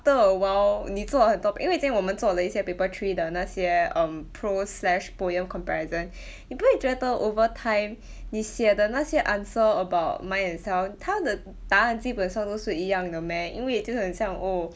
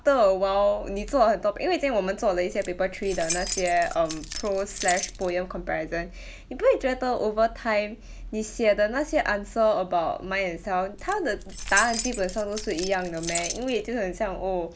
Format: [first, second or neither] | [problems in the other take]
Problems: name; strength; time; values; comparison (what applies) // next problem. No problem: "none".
first | background sound (Keys jangling); 9 dB below the speech